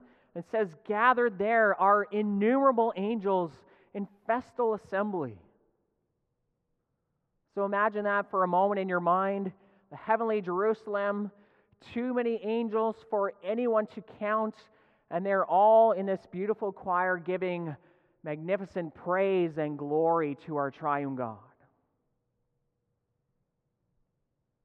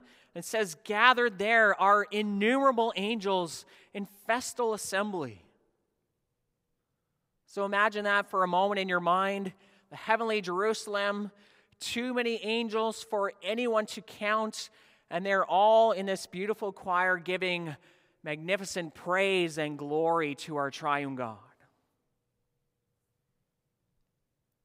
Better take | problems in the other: second | muffled; very; fading above 3.5 kHz

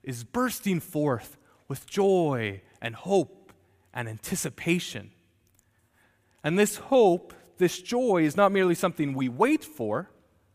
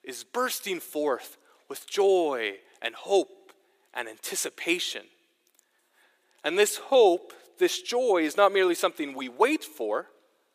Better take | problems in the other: first | thin; somewhat; fading below 350 Hz

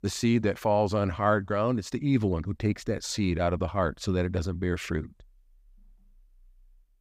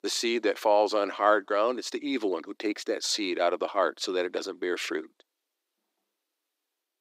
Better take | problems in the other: first | thin; somewhat; fading below 300 Hz

